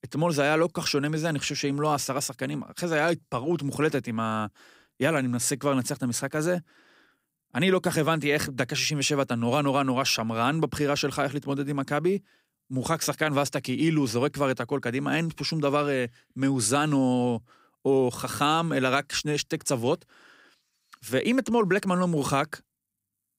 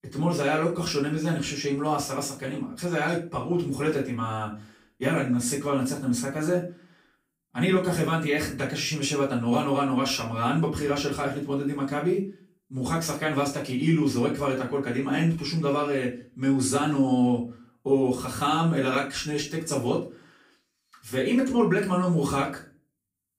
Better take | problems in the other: first | off-mic speech; far // room echo; slight; dies away in 0.3 s

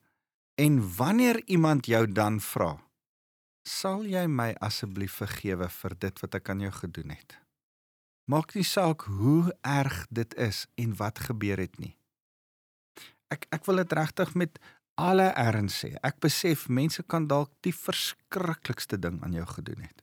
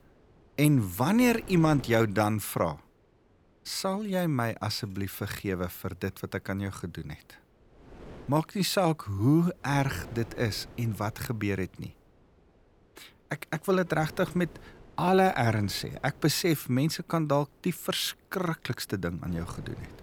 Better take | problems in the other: first | wind noise on the microphone; occasional gusts; 20 dB below the speech

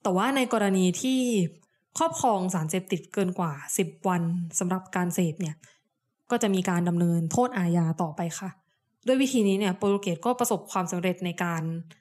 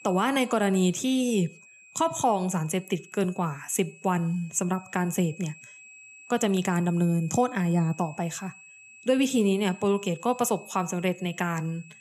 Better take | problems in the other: first | high-pitched whine; faint; throughout; 2.5 kHz, 20 dB below the speech

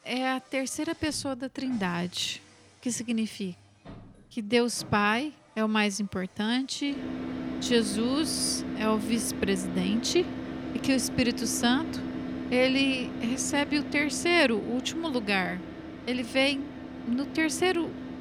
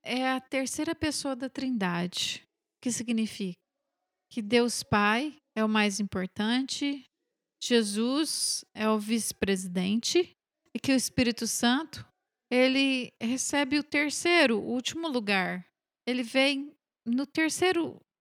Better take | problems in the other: second | traffic noise; loud; throughout; 8 dB below the speech

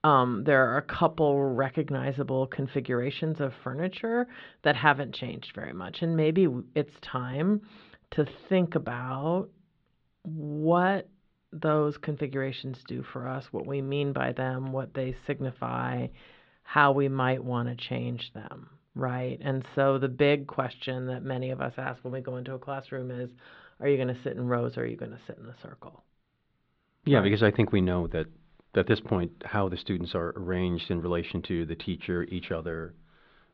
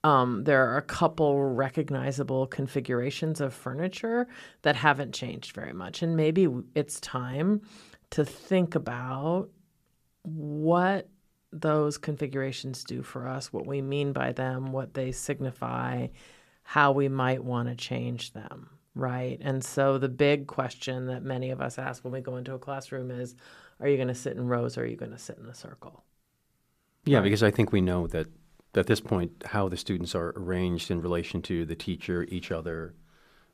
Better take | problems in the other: second | muffled; slightly; fading above 4 kHz

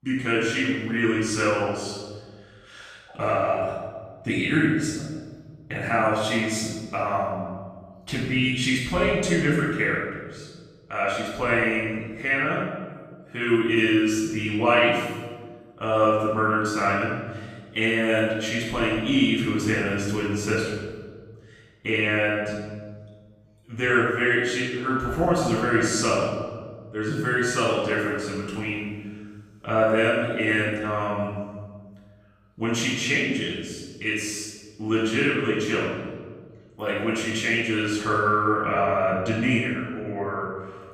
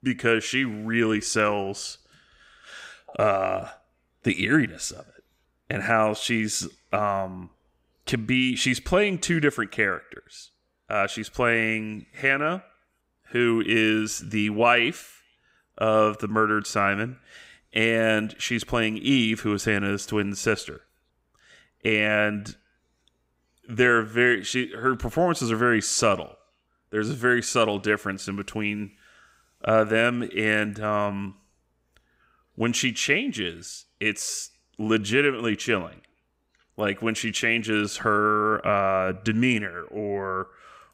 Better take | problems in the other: second | off-mic speech; far // room echo; strong; dies away in 1.4 s

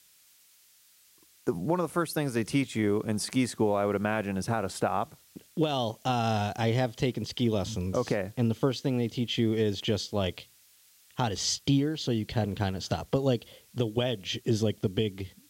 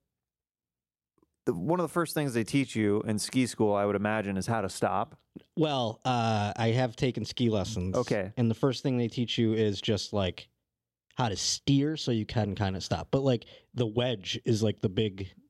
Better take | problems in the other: second | hiss; faint; throughout; 30 dB below the speech

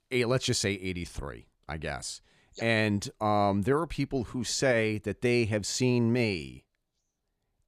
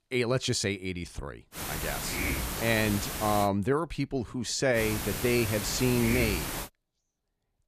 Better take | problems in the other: first | hiss; loud; from 1.5 to 3.5 s and from 5 to 6.5 s; 4 dB below the speech

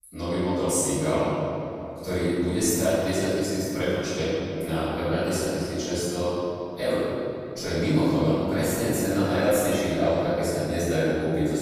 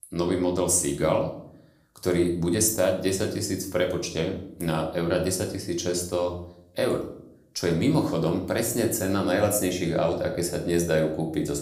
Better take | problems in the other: second | room echo; strong; dies away in 2.6 s; slight in the second // off-mic speech; far; somewhat distant in the second

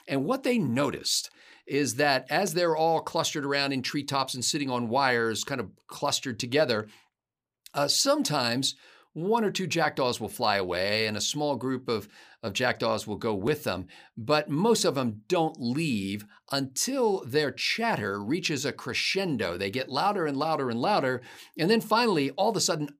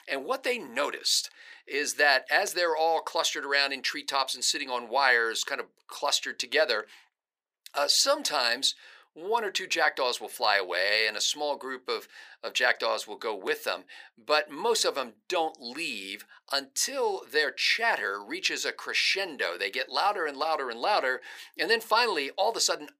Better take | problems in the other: first | thin; very; fading below 450 Hz

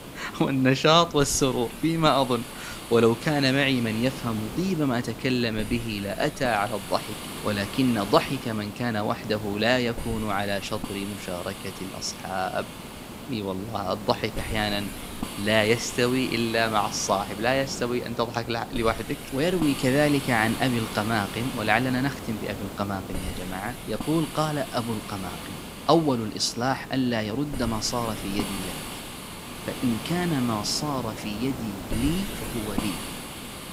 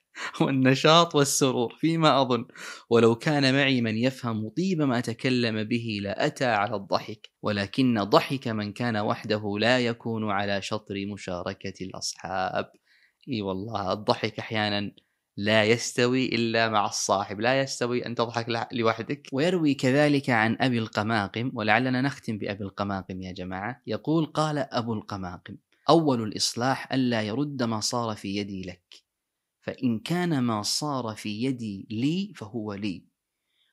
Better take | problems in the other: second | hiss; loud; throughout; 10 dB below the speech

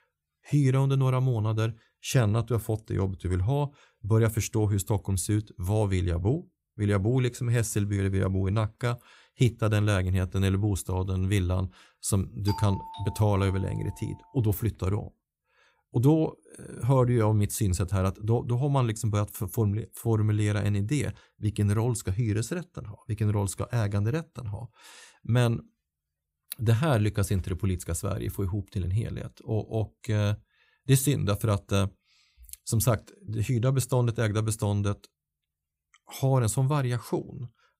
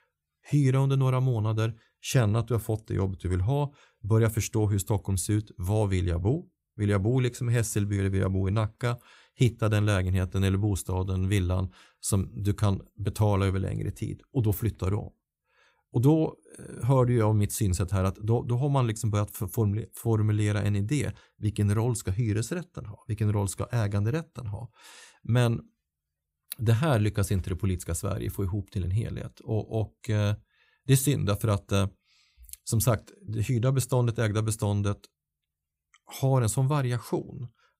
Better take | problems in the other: second | doorbell; faint; from 12 to 14 s; peak 10 dB below the speech

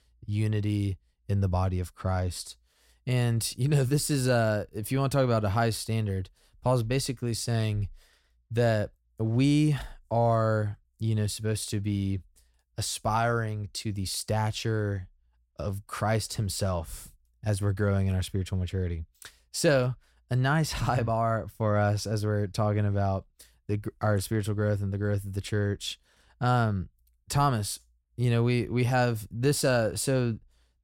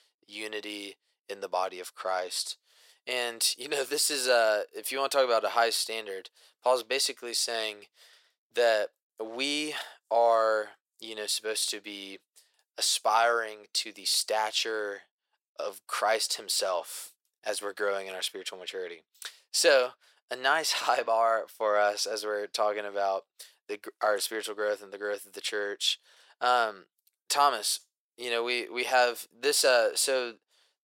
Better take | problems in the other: first | thin; very; fading below 450 Hz

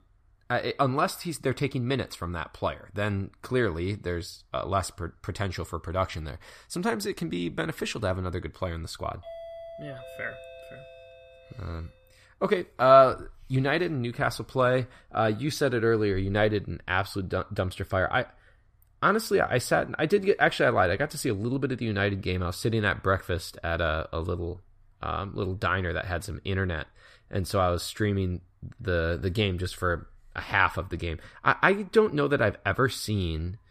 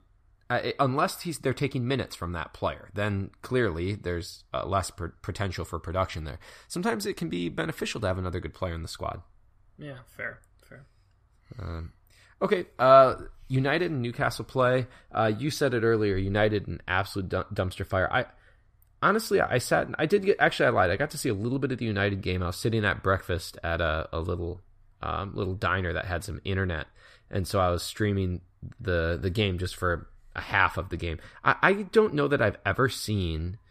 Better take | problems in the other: second | doorbell; faint; from 9 to 12 s; peak 15 dB below the speech

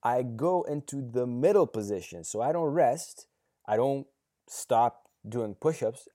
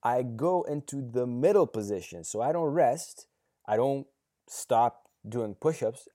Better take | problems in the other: neither | none

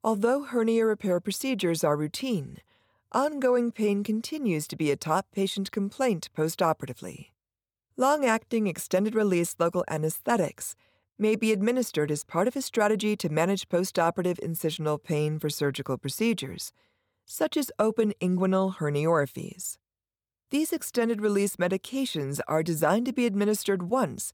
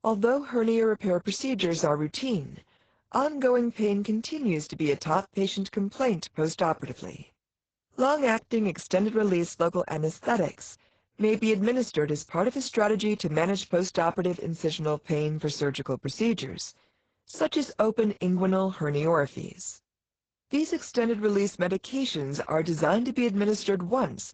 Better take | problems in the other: first | garbled, watery; badly; nothing above 7.5 kHz

